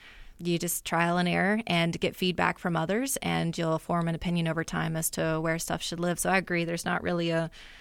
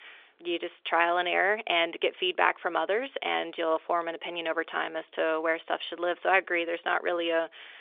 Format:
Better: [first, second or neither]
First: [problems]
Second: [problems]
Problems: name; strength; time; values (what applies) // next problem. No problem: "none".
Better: first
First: none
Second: phone-call audio; nothing above 3.5 kHz